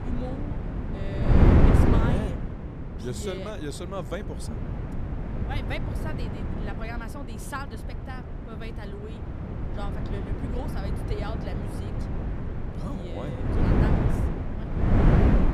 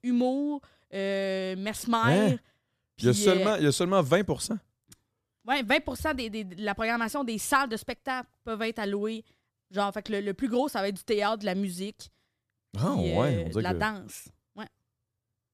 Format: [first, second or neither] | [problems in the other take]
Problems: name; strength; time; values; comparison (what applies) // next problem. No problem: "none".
second | wind noise on the microphone; heavy; 4 dB above the speech